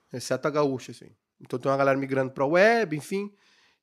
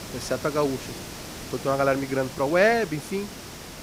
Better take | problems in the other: first | hiss; noticeable; throughout; 10 dB below the speech

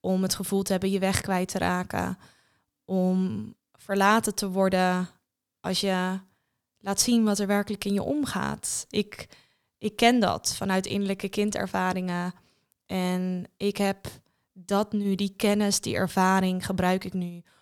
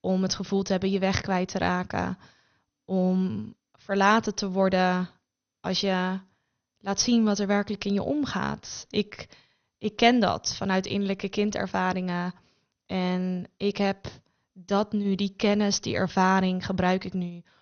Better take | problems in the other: first | garbled, watery; slightly; nothing above 6.5 kHz

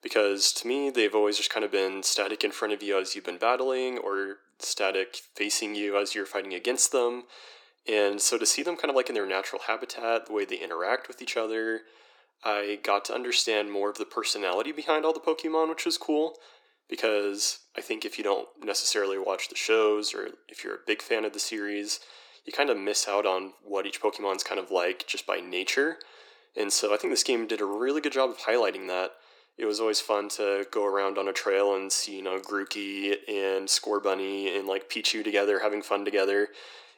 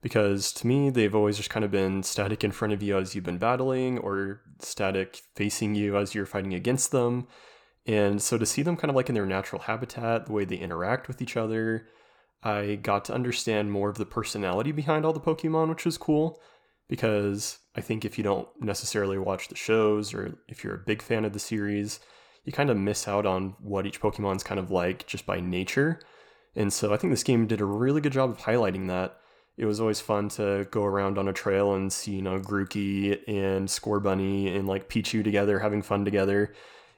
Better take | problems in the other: second | thin; somewhat; fading below 300 Hz

